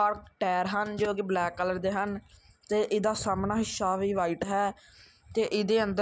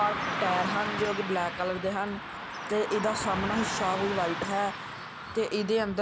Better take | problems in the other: first | background sound (Car passing by / Traffic noise, roadway noise); 4 dB below the speech

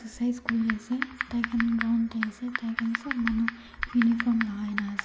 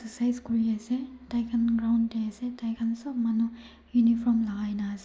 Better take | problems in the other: second | background sound (Typing); 7 dB below the speech

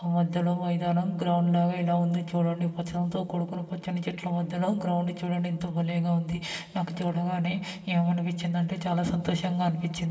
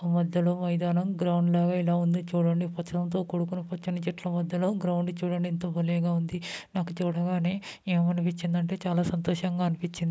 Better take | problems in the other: second | room echo; dies away in 1.7 s

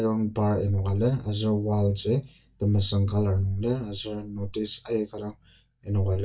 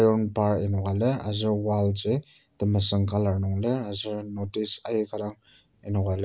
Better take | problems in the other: second | noise reduction (neural mask model DeepFilterNet 3)

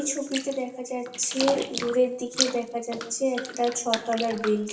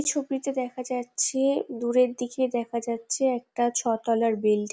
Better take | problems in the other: second | background sound (Bathtub (filling or washing)); 8 dB below the speech // room echo; dies away in 0.9 s

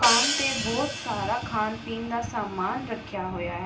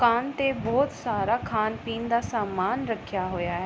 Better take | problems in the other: second | background sound (Hi-hat); 2 dB below the speech // room echo; dies away in 0.4 s

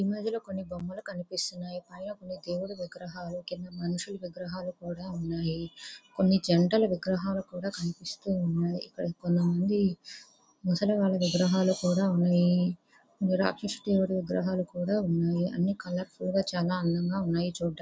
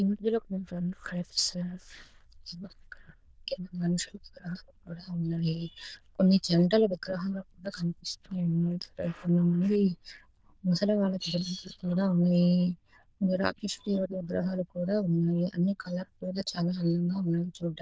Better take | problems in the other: first | noise reduction (neural diffusion model UNIVERSE++)

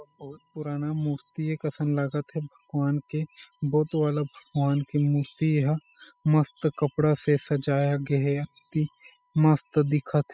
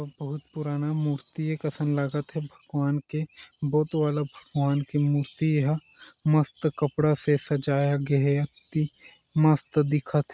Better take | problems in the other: second | noise reduction (classical method spectral subtraction)

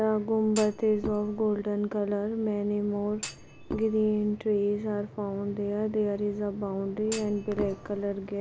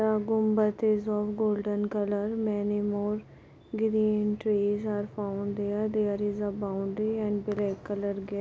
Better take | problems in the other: second | background sound (Thump, thud); 12 dB below the speech

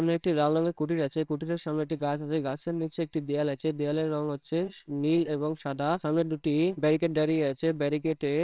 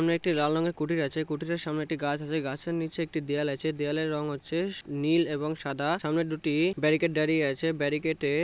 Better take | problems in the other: second | noise reduction (neural separator model SepFormer WHAMR!)

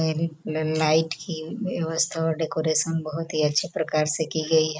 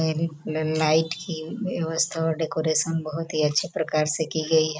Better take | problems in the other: second | noise reduction (neural mask model Resemble Enhance denoiser)

